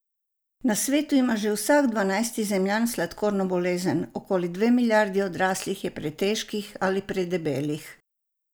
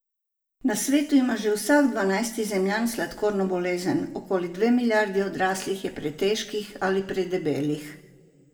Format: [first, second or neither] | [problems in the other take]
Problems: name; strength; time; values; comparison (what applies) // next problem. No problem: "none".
first | room echo; dies away in 1.2 s